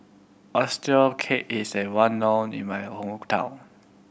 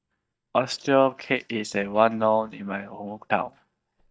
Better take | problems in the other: first | noise reduction (neural mask model DeepFilterNet 3)

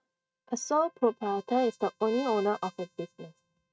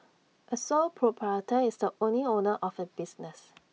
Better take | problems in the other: second | noise reduction (neural mask model RNNoise)

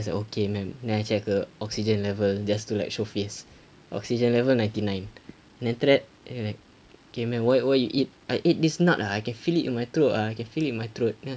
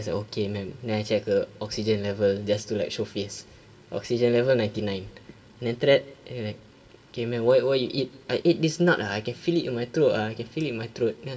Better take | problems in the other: first | room echo; dies away in 0.2 s

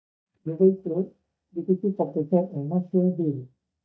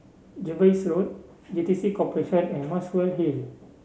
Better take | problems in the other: second | noise reduction (neural mask model DeepFilterNet 3)

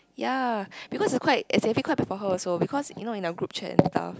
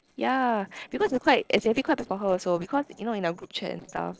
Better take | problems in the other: first | noise reduction (neural separator model SepFormer DNS4)

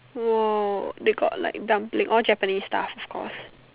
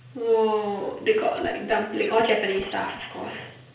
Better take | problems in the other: first | background sound (Scratching (performance technique)); 18 dB below the speech // room echo; dies away in 0.5 s

